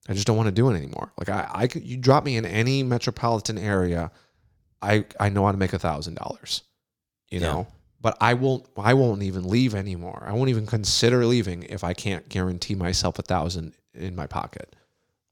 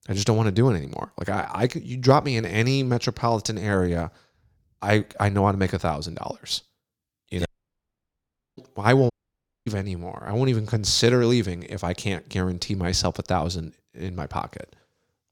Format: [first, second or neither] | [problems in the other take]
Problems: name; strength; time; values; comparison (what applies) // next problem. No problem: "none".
first | audio cutting out; at 7.5 s for 1 s and at 9 s for 0.5 s